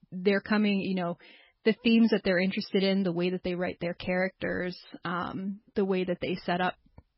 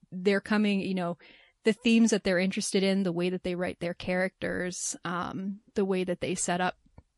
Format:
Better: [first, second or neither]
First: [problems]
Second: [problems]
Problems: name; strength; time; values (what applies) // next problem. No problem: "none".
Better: second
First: garbled, watery; badly; nothing above 5.5 kHz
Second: garbled, watery; slightly; nothing above 11 kHz